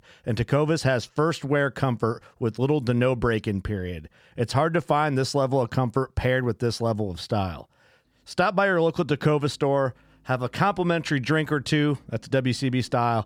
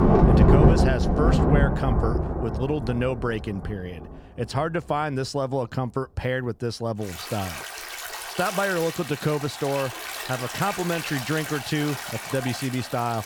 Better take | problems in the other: first | rain or running water; very loud; throughout; 2 dB above the speech

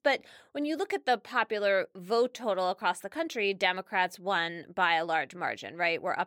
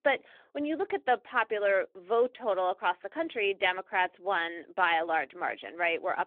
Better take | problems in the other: first | phone-call audio; nothing above 3.5 kHz

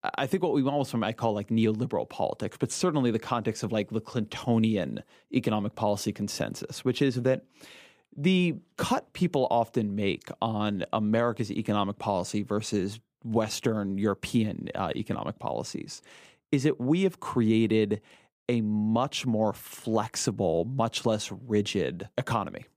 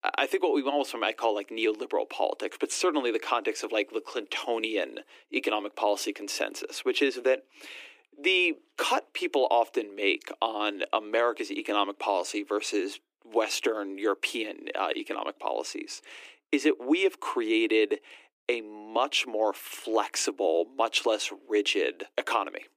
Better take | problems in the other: first | thin; somewhat; fading below 300 Hz

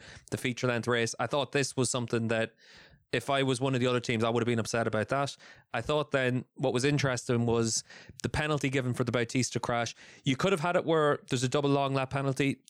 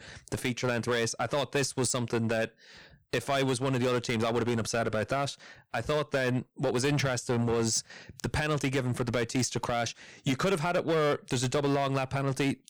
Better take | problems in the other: first | distortion; slight; 9% of the sound clipped

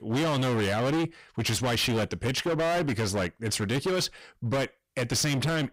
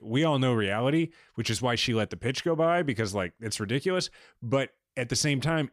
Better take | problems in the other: second | distortion; heavy; 29% of the sound clipped

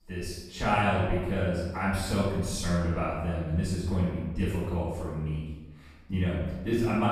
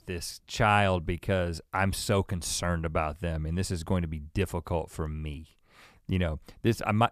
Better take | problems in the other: second | room echo; strong; dies away in 1.1 s // off-mic speech; far

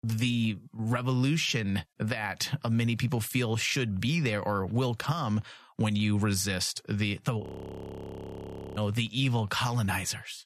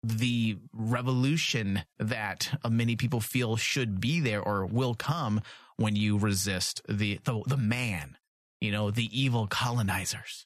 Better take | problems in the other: second | audio freezing; at 7.5 s for 1.5 s

